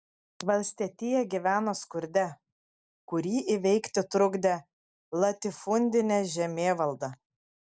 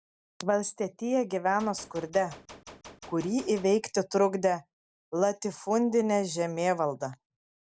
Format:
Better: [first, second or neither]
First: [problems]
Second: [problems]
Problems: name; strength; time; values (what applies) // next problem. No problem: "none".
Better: first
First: none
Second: background sound (Gunshot, gunfire); 20 dB below the speech